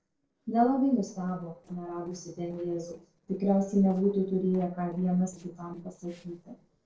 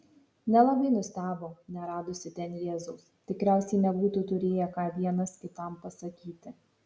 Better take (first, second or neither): second